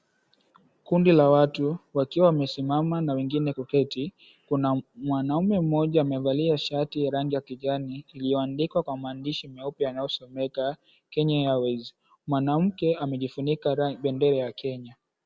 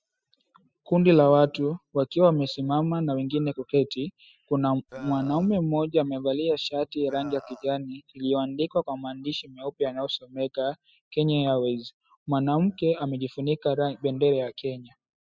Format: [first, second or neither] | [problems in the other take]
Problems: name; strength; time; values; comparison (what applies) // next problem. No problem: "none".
first | noise reduction (classical method spectral subtraction)